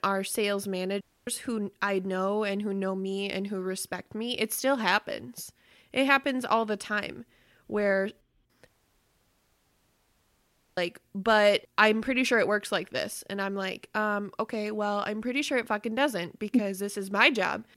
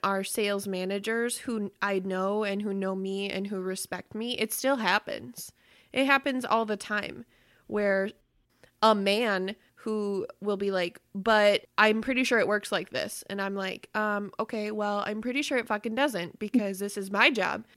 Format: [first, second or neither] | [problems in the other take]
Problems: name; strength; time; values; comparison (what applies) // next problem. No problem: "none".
second | audio cutting out; at 1 s and at 8.5 s for 2 s